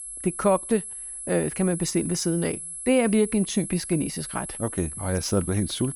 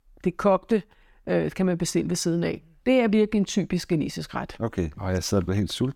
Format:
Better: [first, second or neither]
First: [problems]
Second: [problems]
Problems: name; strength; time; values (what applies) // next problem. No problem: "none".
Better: second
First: high-pitched whine; loud; throughout; 11 kHz, 8 dB below the speech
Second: none